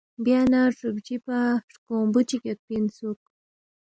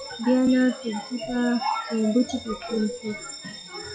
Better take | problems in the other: first | noise reduction (classical method log-MMSE)

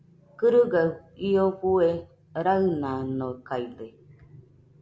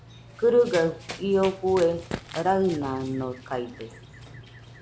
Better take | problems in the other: first | background sound (Run); 15 dB below the speech

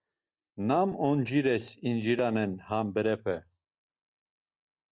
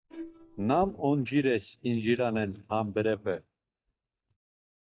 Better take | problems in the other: first | noise reduction (neural mask model DeepFilterNet 3)

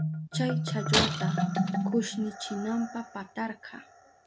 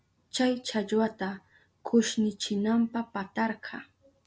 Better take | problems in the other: second | background sound (Shatter + Marimba, xylophone); 3 dB above the speech

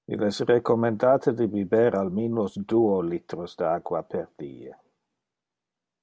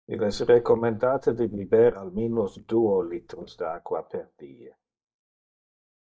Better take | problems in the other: first | noise reduction (neural mask model DeepFilterNet 3)

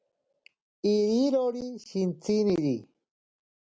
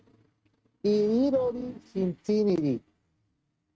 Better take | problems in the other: first | noise reduction (neural mask model RNNoise)

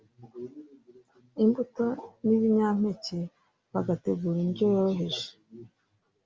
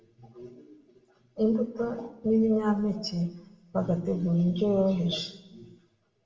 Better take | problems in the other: first | room echo; dies away in 0.7 s

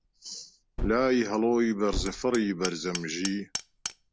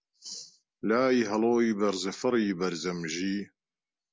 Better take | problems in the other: second | background sound (Gunshot, gunfire + Hammer); 9 dB below the speech

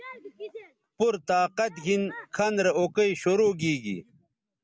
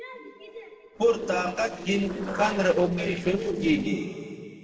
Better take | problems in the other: first | noise reduction (neural separator model SepFormer DNS4)

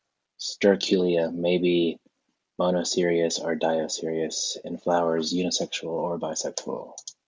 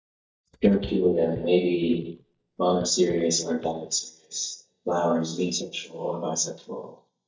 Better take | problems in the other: first | noise reduction (neural mask model DeepFilterNet 3)

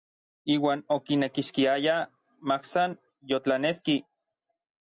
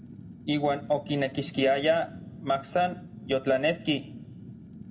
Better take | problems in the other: first | background sound (Fire); 15 dB below the speech // room echo; dies away in 0.4 s

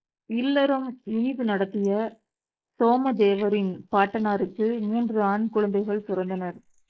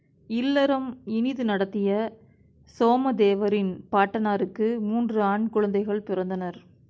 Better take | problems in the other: second | noise reduction (neural mask model Resemble Enhance denoiser)

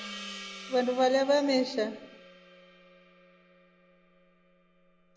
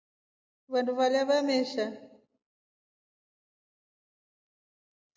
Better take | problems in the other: second | background sound (Gong); 16 dB below the speech

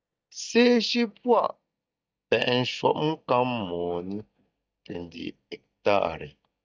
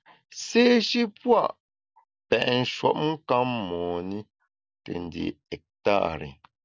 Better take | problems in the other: second | noise reduction (neural mask model DeepFilterNet 3)

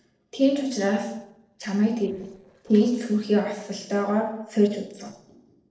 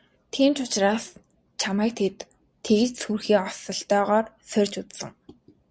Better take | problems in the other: second | noise reduction (neural separator model SepFormer DNS4)

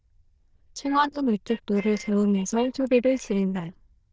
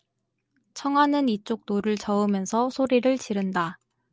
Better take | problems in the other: second | noise reduction (neural diffusion model UNIVERSE++)

